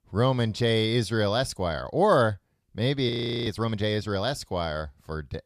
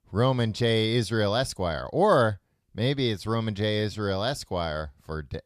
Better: second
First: audio freezing; at 3 s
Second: none

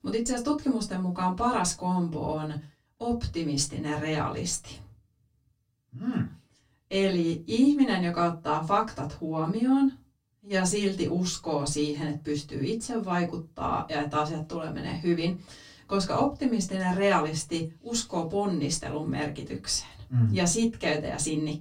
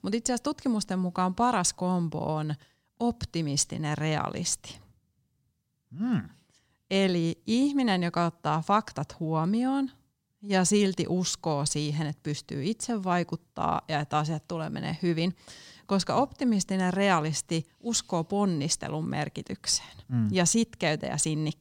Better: second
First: off-mic speech; far // room echo; very slight; dies away in 0.2 s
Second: none

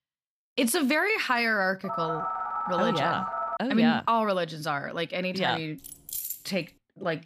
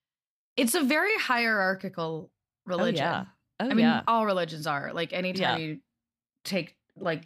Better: second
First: phone ringing; noticeable; from 2 to 3.5 s; peak 3 dB below the speech // jangling keys; noticeable; at 6 s; peak 5 dB below the speech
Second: none

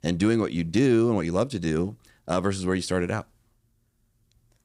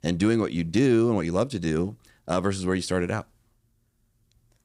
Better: neither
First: none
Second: none

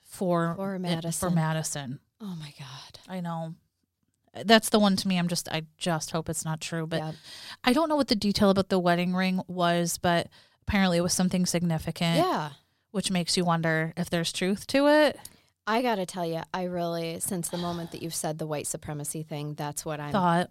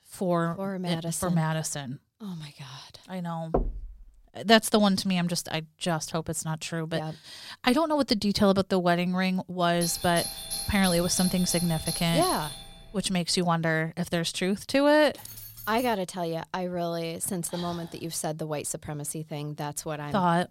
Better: first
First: none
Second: door banging; noticeable; at 3.5 s; peak 4 dB below the speech // doorbell; noticeable; from 10 to 13 s; peak 3 dB below the speech // jangling keys; faint; at 15 s; peak 15 dB below the speech

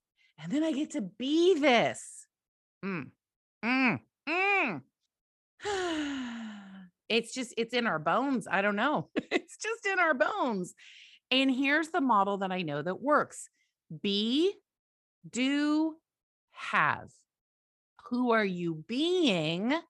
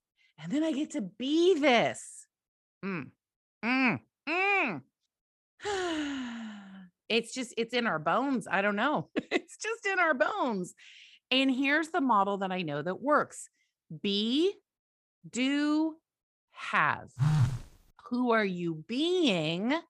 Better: first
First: none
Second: phone ringing; loud; at 17 s; peak 2 dB above the speech

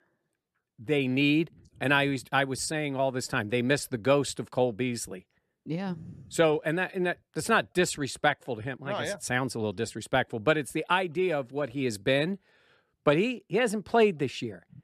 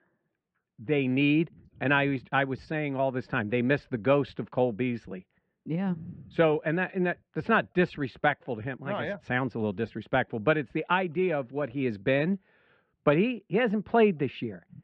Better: first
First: none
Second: muffled; very; fading above 3 kHz

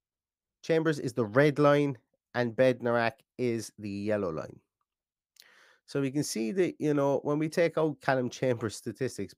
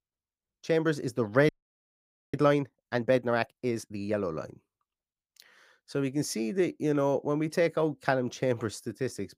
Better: first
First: none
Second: audio freezing; at 1.5 s for 1 s

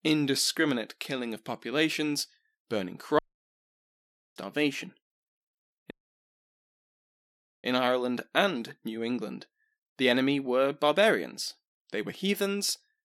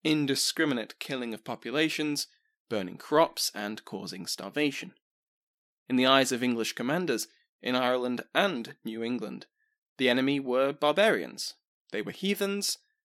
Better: second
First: audio cutting out; at 3 s for 1 s and at 6 s for 1.5 s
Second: none

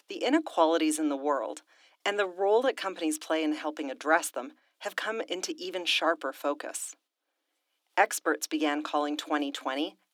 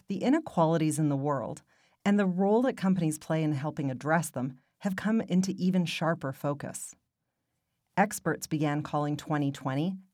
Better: second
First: thin; somewhat; fading below 300 Hz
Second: none

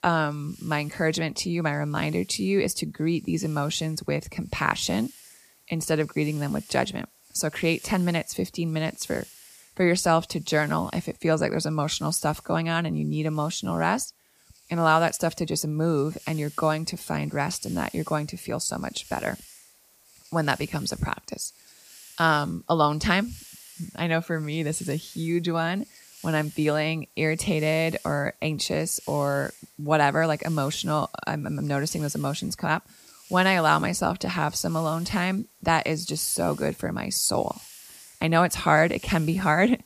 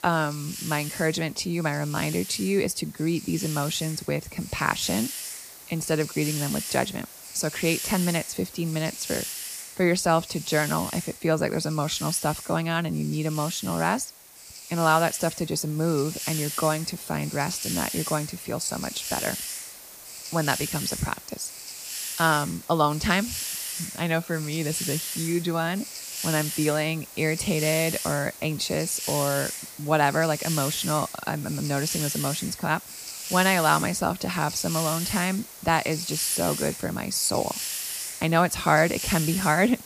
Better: first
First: hiss; faint; throughout; 20 dB below the speech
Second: hiss; loud; throughout; 6 dB below the speech

